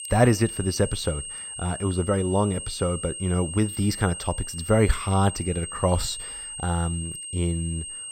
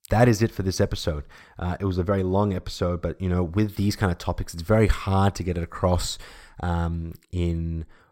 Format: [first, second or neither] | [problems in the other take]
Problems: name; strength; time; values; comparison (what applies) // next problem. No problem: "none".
second | high-pitched whine; loud; throughout; 8.5 kHz, 8 dB below the speech